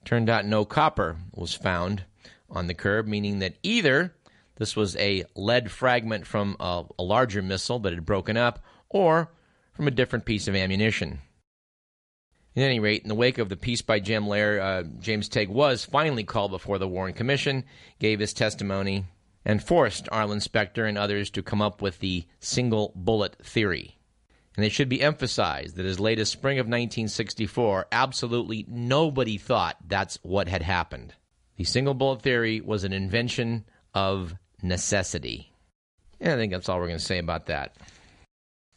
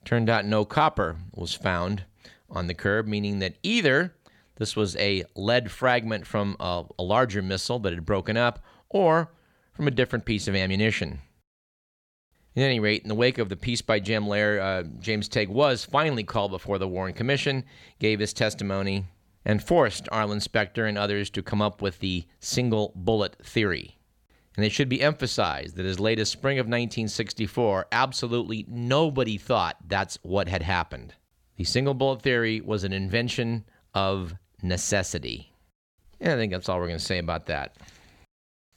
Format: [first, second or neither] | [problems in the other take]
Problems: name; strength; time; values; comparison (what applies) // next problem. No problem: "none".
second | garbled, watery; slightly; nothing above 10 kHz